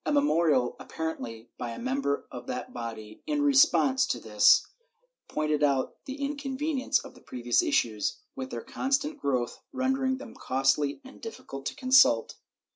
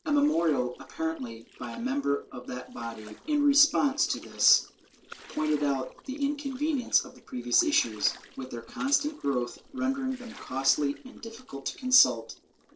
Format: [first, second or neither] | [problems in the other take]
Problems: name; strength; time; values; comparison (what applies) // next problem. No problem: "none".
first | noise reduction (neural separator model SepFormer DNS4)